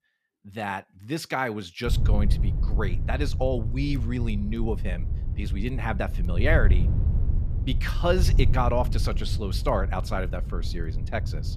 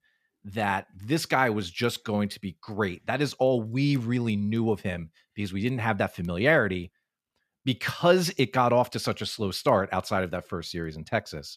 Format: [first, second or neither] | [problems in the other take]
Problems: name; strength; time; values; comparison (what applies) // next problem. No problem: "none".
second | wind noise on the microphone; occasional gusts; from 2 s on; 15 dB below the speech